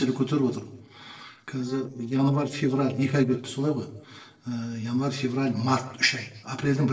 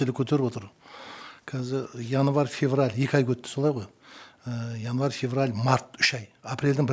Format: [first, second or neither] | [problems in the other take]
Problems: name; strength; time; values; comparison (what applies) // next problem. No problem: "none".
second | noise reduction (neural separator model SepFormer DNS4)